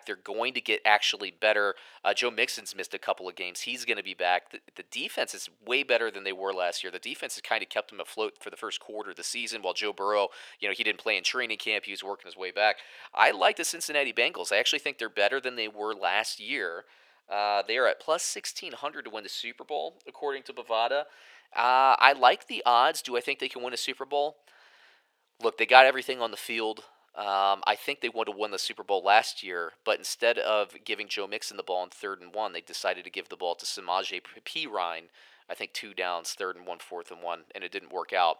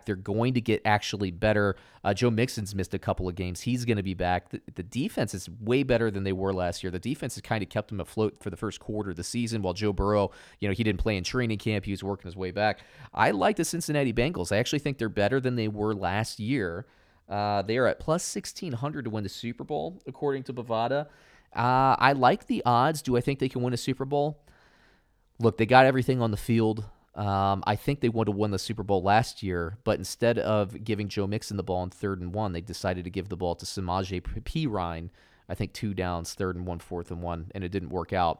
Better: second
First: thin; very; fading below 500 Hz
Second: none

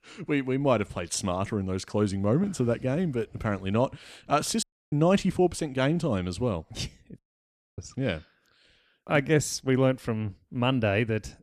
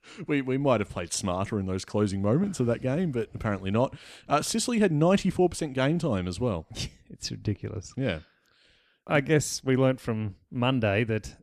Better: second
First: audio cutting out; at 4.5 s and at 7 s for 0.5 s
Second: none

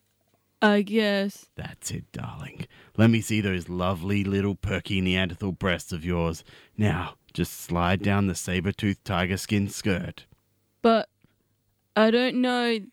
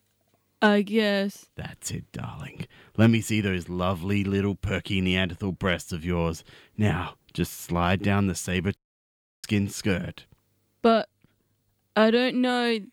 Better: first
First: none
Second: audio cutting out; at 9 s for 0.5 s

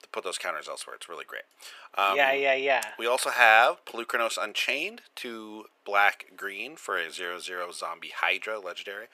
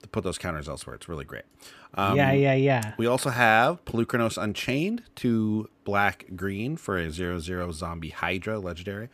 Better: second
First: thin; very; fading below 550 Hz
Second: none

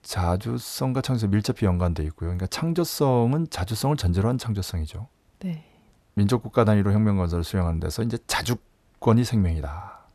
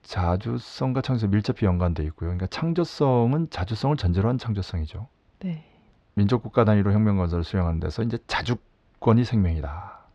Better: first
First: none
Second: muffled; very slightly; fading above 4 kHz

